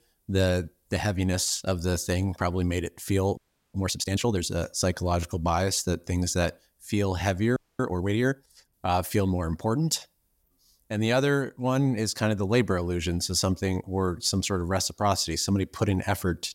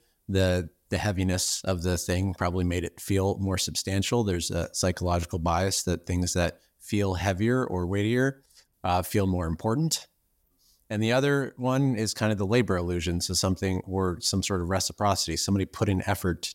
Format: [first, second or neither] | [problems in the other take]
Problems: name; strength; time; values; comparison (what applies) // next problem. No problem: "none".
second | audio freezing; at 3.5 s and at 7.5 s